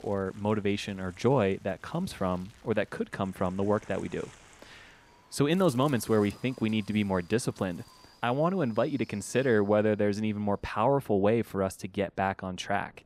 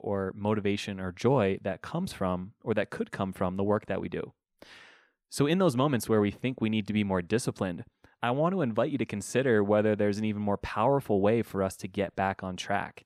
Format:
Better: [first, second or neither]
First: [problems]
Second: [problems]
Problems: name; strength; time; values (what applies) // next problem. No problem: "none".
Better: second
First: wind noise on the microphone; occasional gusts; 25 dB below the speech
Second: none